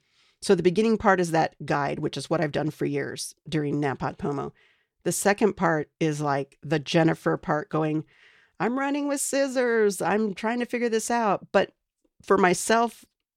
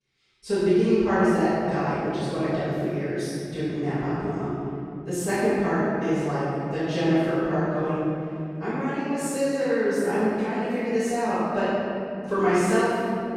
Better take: first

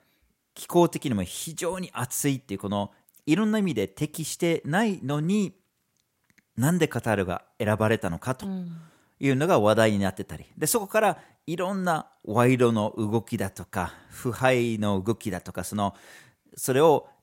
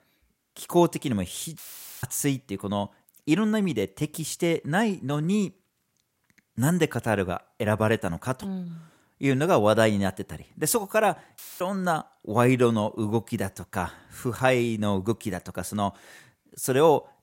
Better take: first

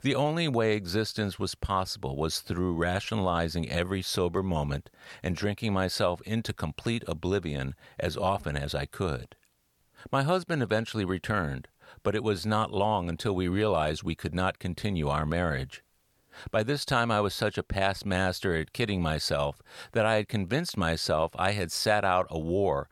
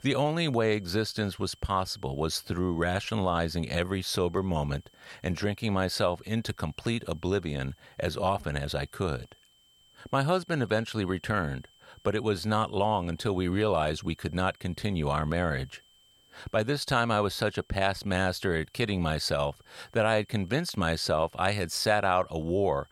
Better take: first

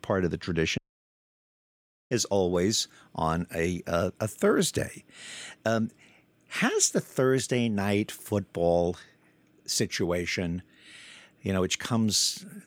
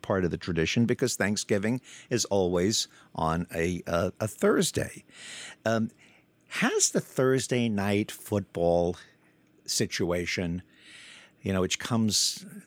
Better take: second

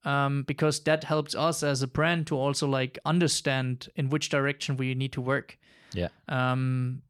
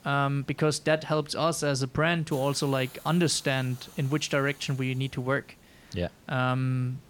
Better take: first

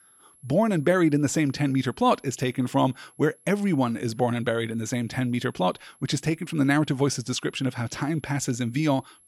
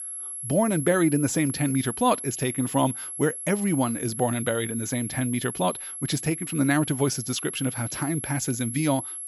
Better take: first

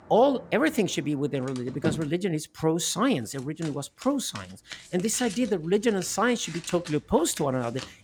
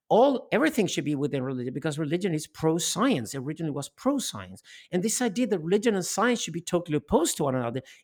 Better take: second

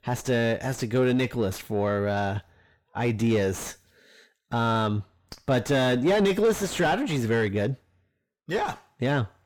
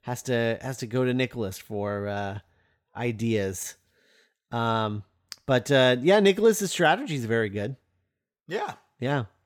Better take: second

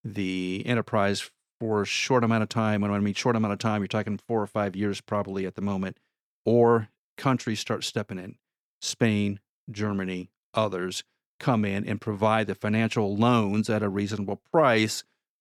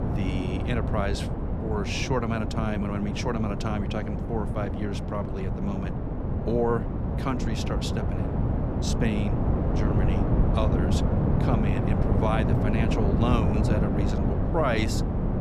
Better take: first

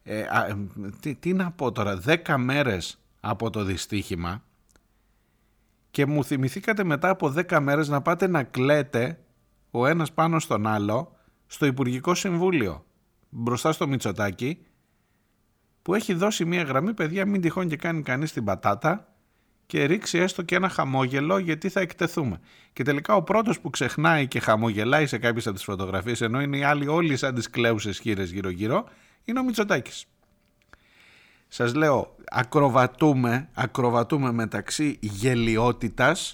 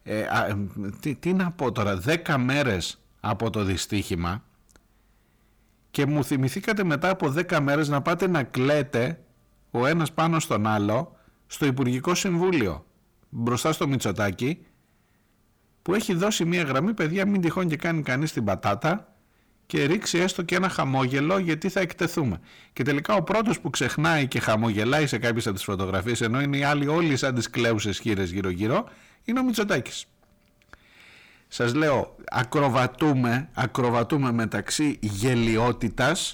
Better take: first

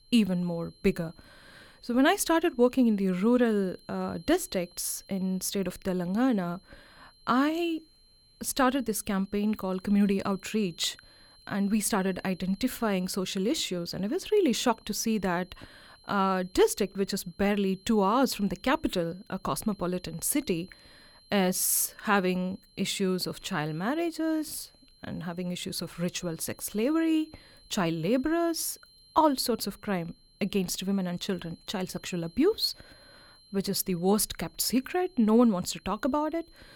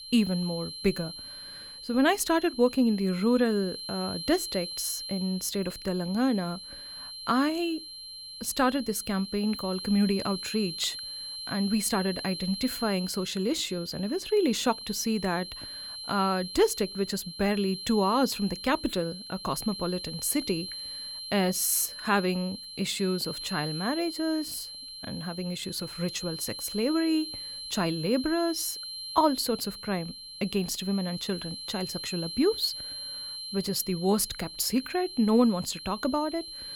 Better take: first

